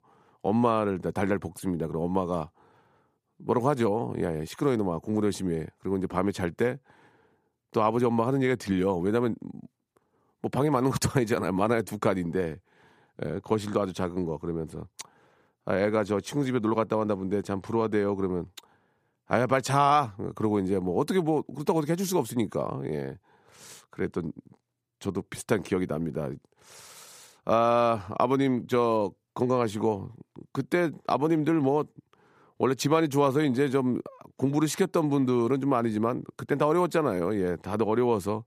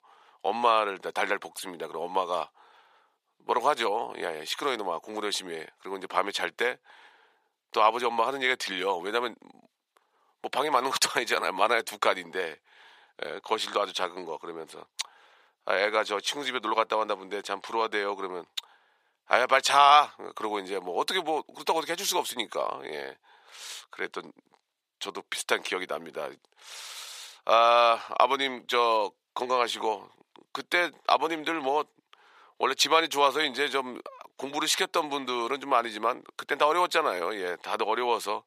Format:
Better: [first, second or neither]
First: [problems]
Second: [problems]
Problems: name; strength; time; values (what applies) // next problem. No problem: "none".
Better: first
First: none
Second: thin; very; fading below 750 Hz